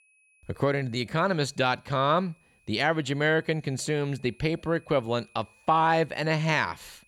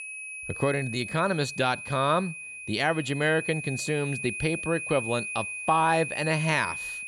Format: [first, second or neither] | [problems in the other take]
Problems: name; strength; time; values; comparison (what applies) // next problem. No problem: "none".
first | high-pitched whine; loud; throughout; 2.5 kHz, 7 dB below the speech; faint in the first